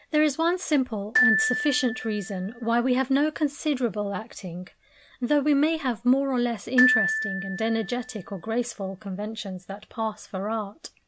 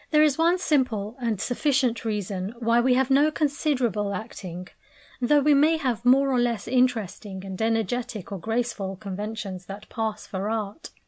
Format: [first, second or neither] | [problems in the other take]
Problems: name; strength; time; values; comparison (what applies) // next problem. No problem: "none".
second | background sound (Glockenspiel); 4 dB below the speech